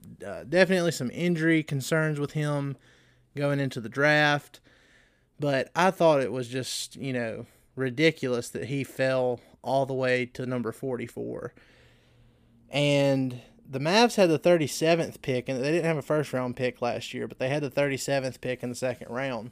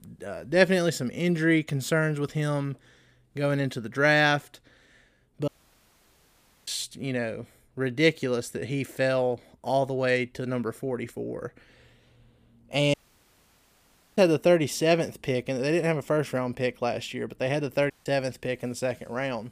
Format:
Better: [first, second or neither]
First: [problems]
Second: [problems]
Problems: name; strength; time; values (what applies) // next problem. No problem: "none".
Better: first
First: none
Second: audio cutting out; at 5.5 s for 1 s, at 13 s for 1 s and at 18 s